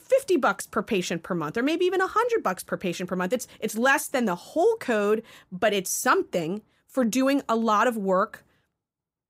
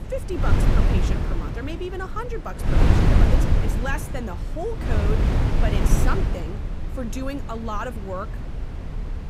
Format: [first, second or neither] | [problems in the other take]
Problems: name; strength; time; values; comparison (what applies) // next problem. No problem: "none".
first | wind noise on the microphone; heavy; 1 dB below the speech